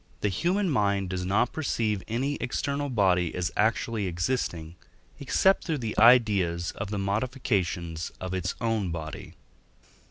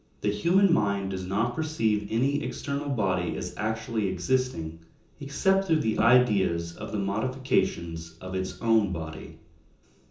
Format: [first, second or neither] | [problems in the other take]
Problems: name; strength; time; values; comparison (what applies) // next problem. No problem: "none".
first | room echo; dies away in 0.6 s